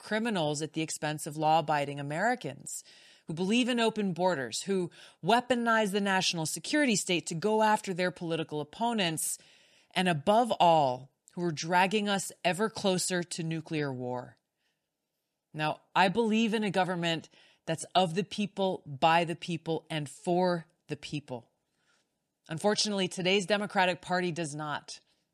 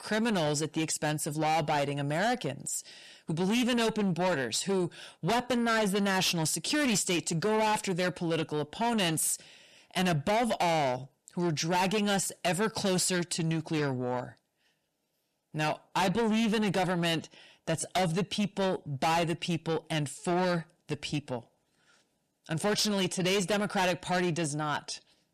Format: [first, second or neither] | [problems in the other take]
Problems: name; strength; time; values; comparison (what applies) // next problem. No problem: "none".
first | distortion; heavy; 6 dB below the speech